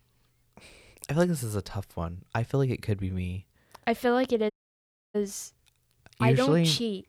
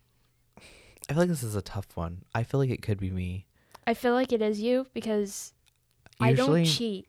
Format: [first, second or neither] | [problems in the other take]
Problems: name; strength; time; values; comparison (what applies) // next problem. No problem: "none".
second | audio cutting out; at 4.5 s for 0.5 s